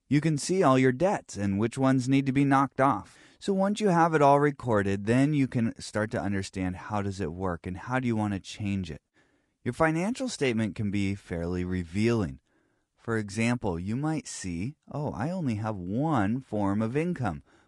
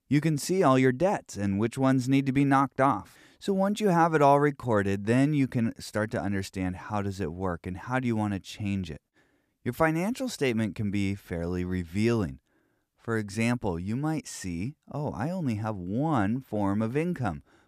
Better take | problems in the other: second | garbled, watery; slightly; nothing above 10 kHz

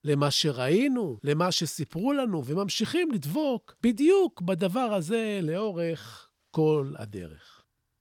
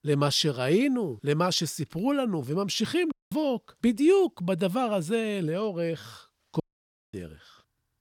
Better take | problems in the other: first | audio cutting out; at 3 s and at 6.5 s for 0.5 s

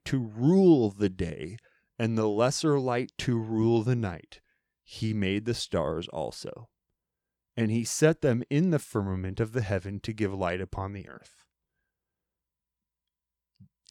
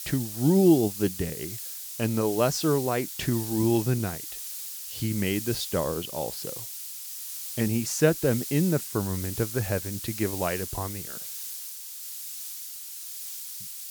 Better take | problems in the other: first | hiss; loud; throughout; 7 dB below the speech

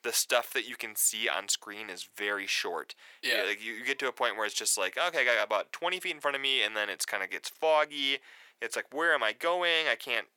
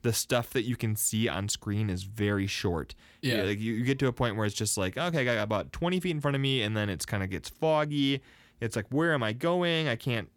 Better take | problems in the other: second | thin; very; fading below 550 Hz

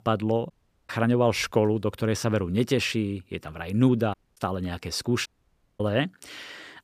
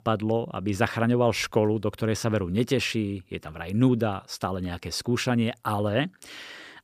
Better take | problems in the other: second | audio cutting out; at 0.5 s, at 4 s and at 5.5 s for 0.5 s

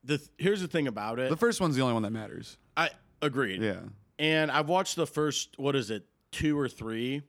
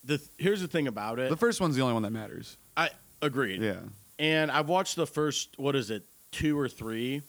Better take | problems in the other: first | hiss; faint; throughout; 25 dB below the speech

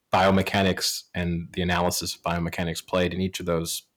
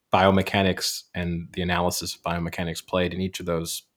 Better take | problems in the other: second | distortion; slight; 1.3% of the sound clipped

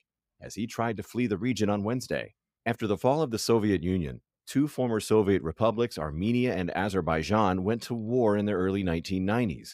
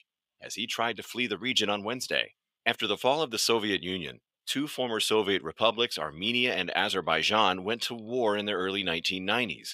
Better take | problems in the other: first | thin; somewhat; fading below 800 Hz

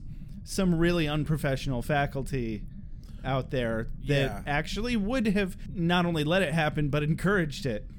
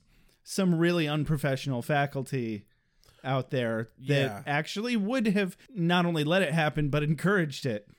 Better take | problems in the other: second | low rumble; faint; throughout; 25 dB below the speech

